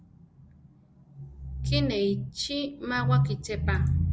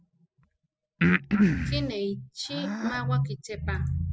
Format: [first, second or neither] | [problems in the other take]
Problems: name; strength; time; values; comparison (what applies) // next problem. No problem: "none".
first | noise reduction (classical method spectral subtraction)